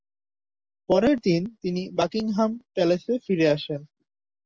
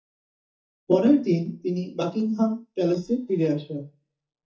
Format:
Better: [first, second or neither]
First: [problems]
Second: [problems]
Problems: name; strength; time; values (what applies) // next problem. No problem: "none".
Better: first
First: none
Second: noise reduction (neural mask model DeepFilterNet 3)